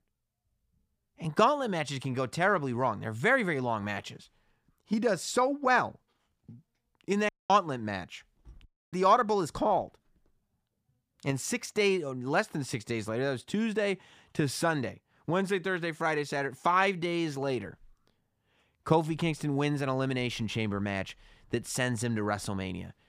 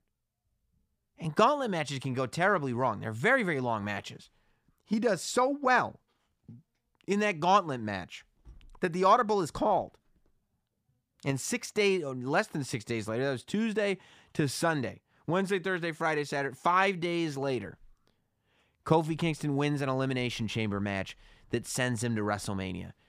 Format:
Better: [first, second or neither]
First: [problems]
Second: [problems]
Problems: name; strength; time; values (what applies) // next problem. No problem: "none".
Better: second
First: audio cutting out; at 7.5 s and at 8.5 s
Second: none